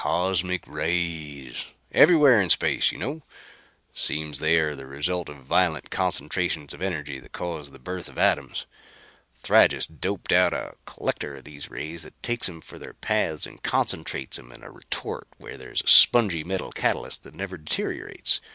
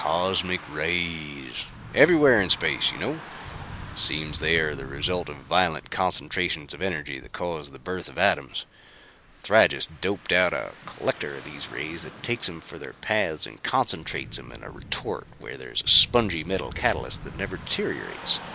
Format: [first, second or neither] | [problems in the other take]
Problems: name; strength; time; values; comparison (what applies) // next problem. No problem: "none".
first | background sound (Car passing by / Traffic noise, roadway noise + Thunder / Rain); 15 dB below the speech